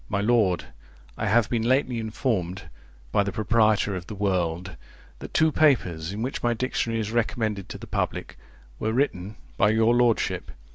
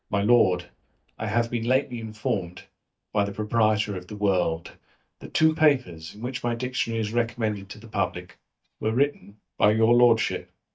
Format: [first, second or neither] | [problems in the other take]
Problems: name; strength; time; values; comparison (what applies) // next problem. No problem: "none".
first | noise reduction (neural mask model DeepFilterNet 3)